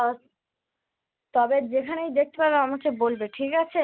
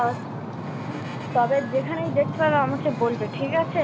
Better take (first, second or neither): first